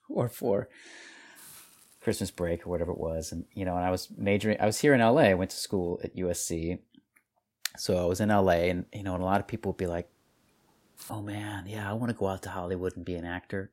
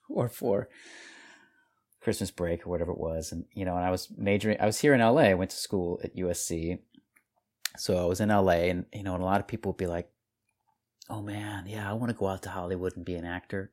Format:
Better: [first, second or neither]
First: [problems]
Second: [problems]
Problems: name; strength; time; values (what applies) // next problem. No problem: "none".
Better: second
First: hiss; faint; from 1.5 to 6 s and from 8 to 11 s; 25 dB below the speech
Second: none